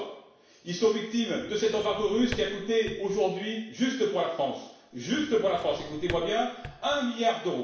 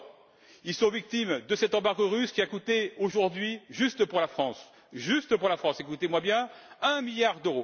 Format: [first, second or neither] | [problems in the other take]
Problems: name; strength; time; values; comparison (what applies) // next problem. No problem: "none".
second | background sound (Drawer open or close); 16 dB below the speech // room echo; dies away in 0.7 s